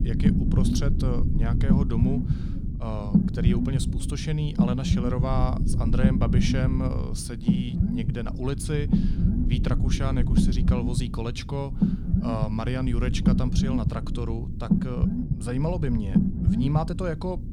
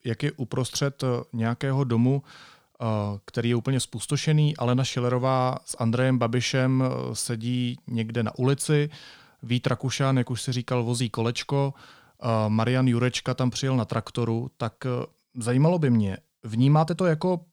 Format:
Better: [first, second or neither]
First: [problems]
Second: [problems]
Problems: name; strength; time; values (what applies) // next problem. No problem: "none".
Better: second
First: low rumble; loud; throughout; as loud as the speech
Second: none